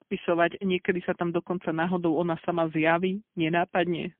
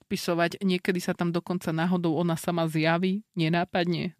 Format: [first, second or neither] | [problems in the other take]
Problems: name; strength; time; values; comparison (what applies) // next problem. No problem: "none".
second | phone-call audio; poor line; nothing above 3.5 kHz